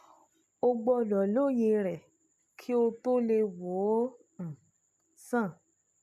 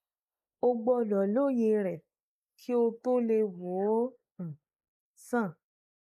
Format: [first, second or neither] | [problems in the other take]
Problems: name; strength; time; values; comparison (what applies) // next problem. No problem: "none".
first | noise reduction (neural mask model Resemble Enhance denoiser)